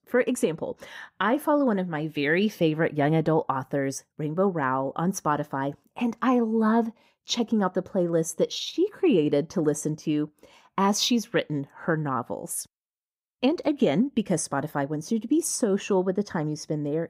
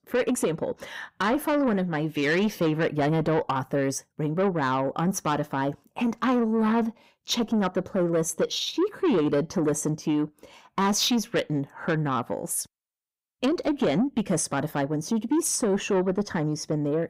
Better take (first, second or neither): first